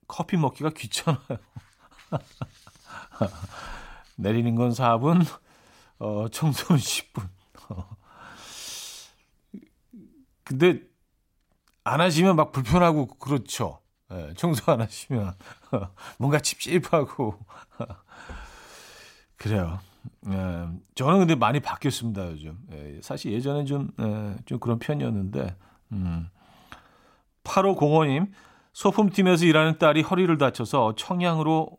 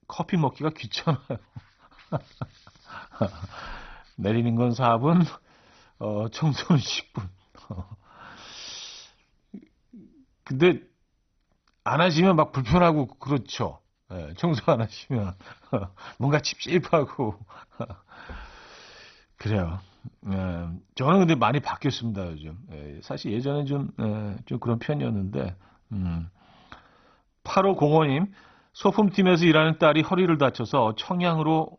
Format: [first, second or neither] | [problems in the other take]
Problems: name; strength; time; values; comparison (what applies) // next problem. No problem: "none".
first | garbled, watery; badly; nothing above 6 kHz